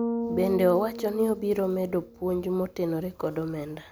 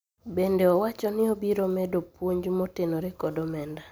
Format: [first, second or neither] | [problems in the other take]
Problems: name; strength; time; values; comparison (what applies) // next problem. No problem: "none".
second | background sound (Bass guitar); 9 dB below the speech